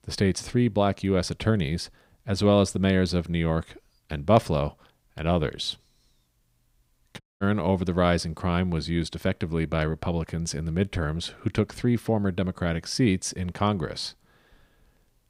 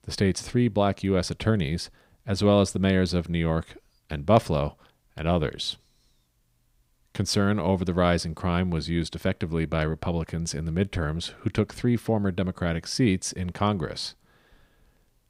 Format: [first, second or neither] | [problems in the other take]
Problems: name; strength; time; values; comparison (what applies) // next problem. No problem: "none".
second | audio cutting out; at 7 s